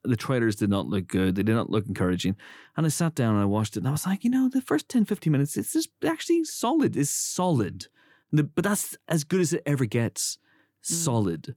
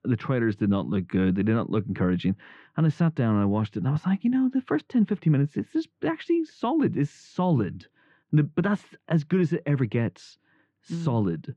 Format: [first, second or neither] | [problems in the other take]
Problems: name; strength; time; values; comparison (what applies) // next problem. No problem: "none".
first | muffled; very; fading above 3 kHz